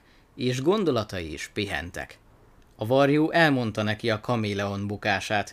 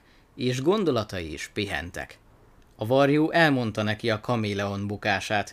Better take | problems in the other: neither | none

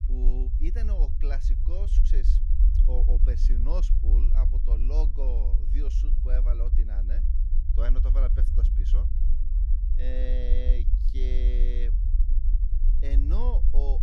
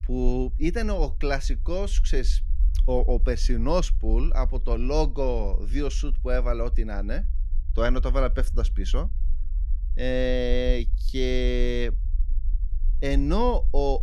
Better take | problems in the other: second | low rumble; loud; throughout; 6 dB below the speech; faint in the second

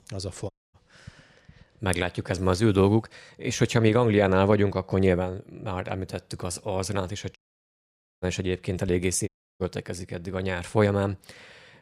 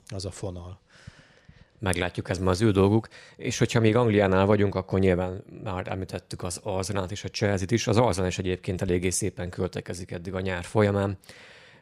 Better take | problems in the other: second | audio cutting out; at 0.5 s, at 7.5 s for 1 s and at 9.5 s

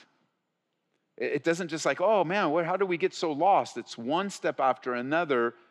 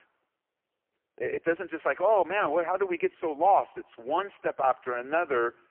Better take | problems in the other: first | phone-call audio; poor line; nothing above 3 kHz

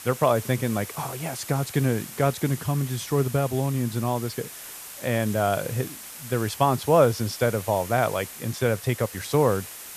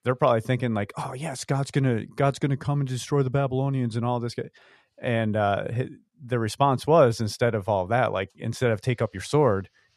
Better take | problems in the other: second | hiss; noticeable; throughout; 10 dB below the speech

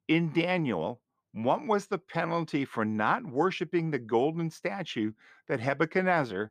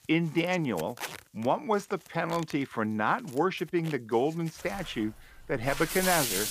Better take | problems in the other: first | household noises; loud; throughout; 6 dB below the speech

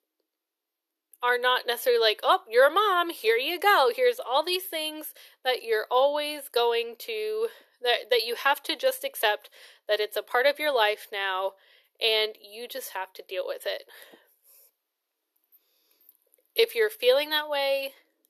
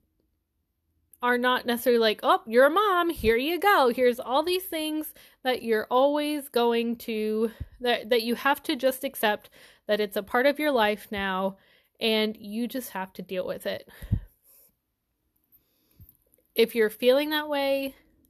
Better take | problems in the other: second | thin; very; fading below 350 Hz

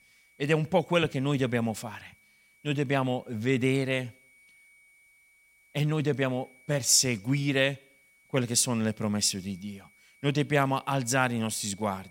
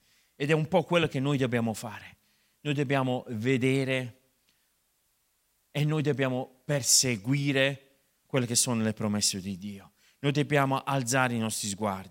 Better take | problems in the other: second | high-pitched whine; faint; throughout; 2.5 kHz, 30 dB below the speech

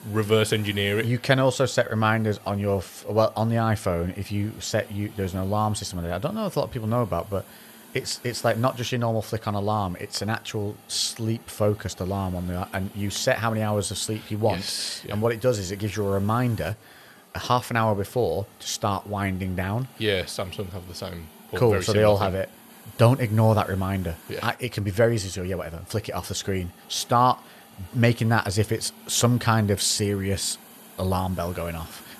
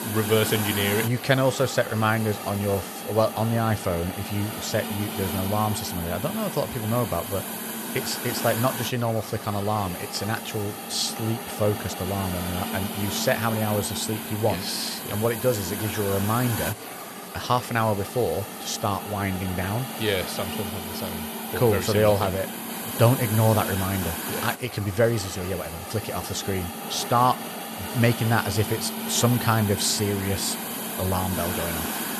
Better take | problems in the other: first | hiss; loud; throughout; 5 dB below the speech; faint in the first

